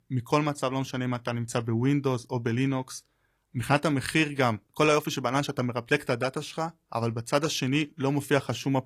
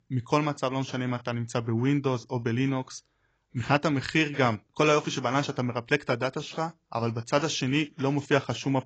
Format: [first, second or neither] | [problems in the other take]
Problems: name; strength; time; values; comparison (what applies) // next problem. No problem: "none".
first | garbled, watery; badly; nothing above 7.5 kHz; slightly in the first